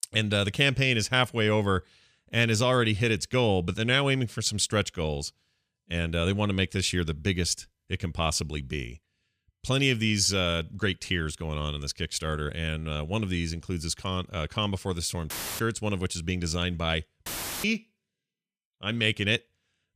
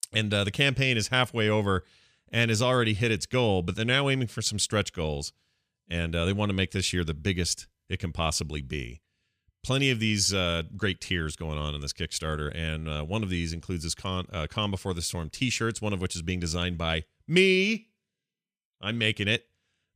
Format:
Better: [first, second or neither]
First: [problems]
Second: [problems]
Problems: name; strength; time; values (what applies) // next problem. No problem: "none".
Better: second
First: audio cutting out; filled with static; at 15 s and at 17 s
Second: none